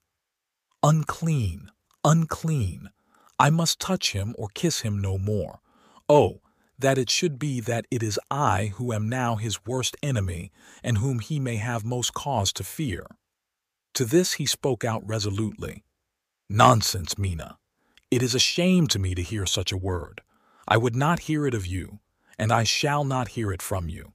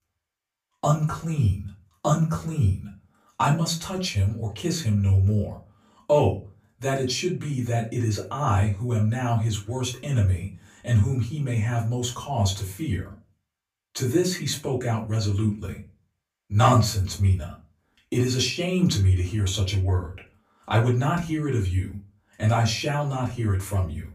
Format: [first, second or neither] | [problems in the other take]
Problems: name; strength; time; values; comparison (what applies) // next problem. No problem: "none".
first | off-mic speech; far // room echo; slight; dies away in 0.3 s